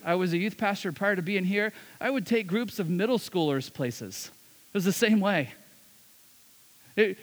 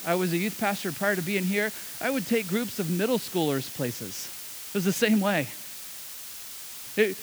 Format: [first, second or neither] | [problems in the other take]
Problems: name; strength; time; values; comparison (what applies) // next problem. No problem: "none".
first | hiss; loud; throughout; 8 dB below the speech; faint in the first